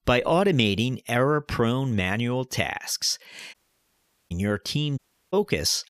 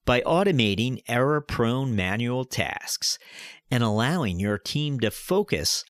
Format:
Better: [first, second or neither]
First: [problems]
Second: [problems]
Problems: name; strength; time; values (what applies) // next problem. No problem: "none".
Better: second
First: audio cutting out; at 3.5 s for 1 s and at 5 s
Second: none